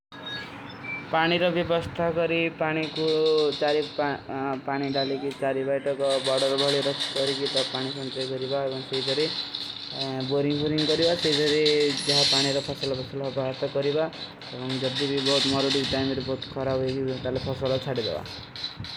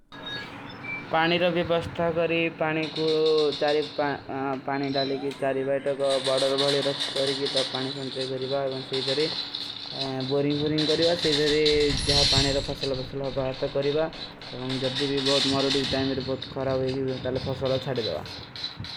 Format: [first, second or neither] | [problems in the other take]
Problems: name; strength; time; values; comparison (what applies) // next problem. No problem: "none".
first | background sound (Walk, footsteps); 17 dB below the speech